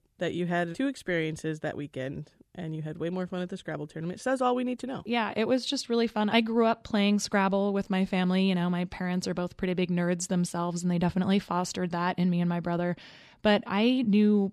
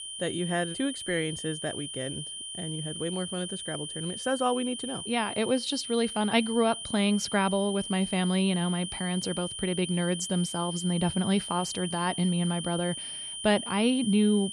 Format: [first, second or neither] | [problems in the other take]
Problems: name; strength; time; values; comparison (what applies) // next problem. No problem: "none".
first | high-pitched whine; loud; throughout; 3 kHz, 7 dB below the speech